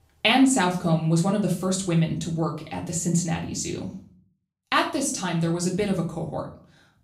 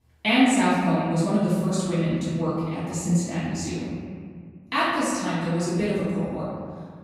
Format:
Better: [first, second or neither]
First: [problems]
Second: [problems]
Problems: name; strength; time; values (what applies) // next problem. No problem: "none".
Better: first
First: room echo; slight; dies away in 0.4 s // off-mic speech; far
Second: room echo; strong; dies away in 2 s // off-mic speech; far